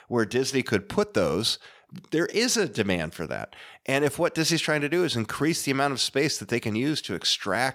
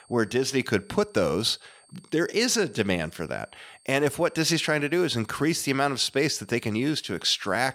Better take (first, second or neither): first